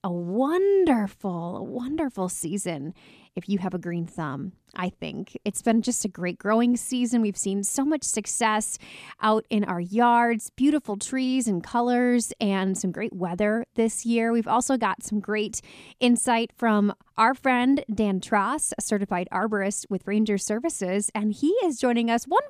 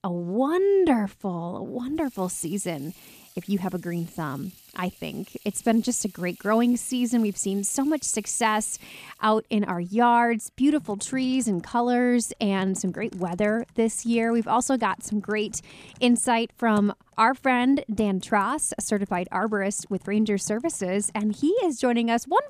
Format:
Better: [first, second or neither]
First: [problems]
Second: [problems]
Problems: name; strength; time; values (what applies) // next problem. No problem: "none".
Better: first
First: none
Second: household noises; faint; throughout; 25 dB below the speech